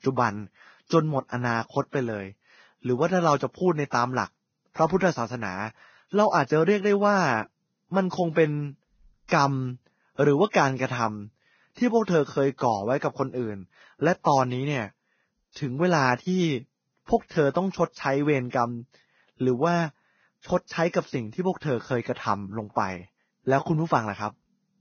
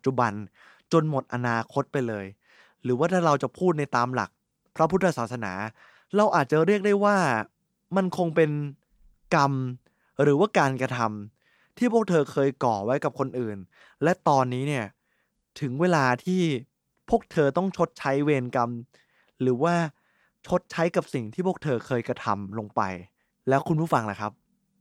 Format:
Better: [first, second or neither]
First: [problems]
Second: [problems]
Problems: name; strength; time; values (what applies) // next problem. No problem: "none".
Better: second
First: garbled, watery; badly; nothing above 6.5 kHz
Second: none